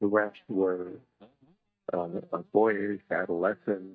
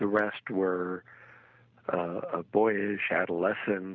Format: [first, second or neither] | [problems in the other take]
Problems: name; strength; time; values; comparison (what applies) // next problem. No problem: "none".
second | noise reduction (neural mask model DeepFilterNet 3)